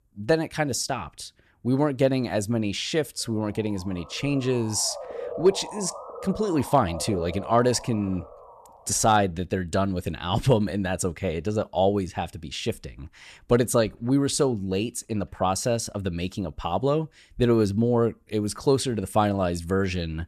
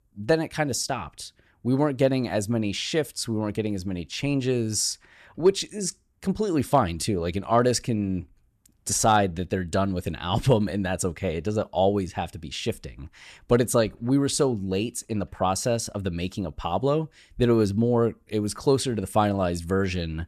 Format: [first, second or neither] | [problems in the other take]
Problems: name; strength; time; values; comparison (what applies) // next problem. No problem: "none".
second | siren; noticeable; from 3.5 to 9 s; peak 9 dB below the speech